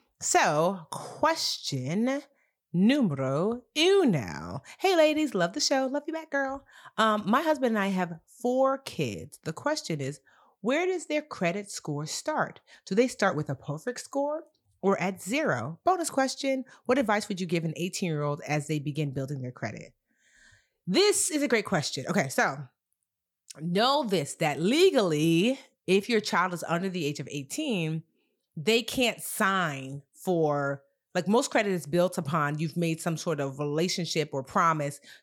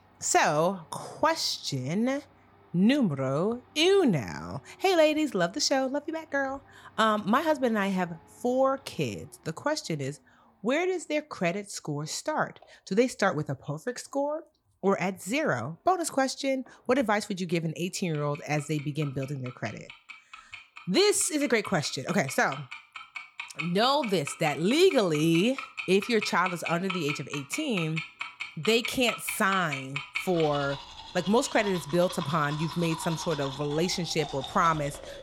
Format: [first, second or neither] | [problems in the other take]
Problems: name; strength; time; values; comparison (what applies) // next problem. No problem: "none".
first | household noises; noticeable; throughout; 10 dB below the speech